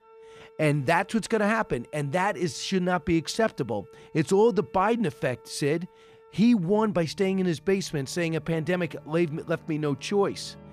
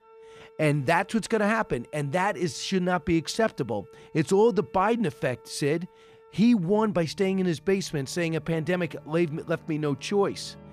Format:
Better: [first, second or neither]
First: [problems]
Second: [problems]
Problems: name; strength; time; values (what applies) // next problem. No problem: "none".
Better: neither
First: background music; faint; throughout; 25 dB below the speech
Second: background music; faint; throughout; 25 dB below the speech